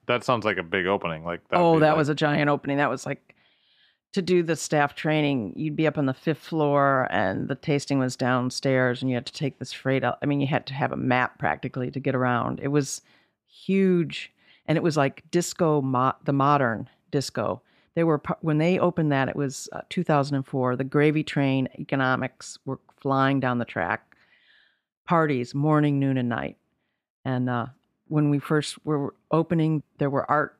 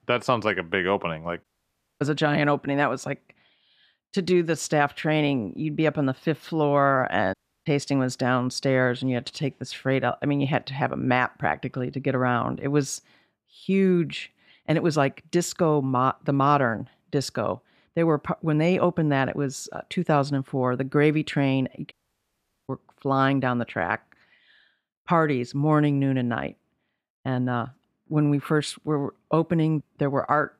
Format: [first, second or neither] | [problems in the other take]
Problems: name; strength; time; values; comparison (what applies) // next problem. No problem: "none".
first | audio cutting out; at 1.5 s for 0.5 s, at 7.5 s and at 22 s for 1 s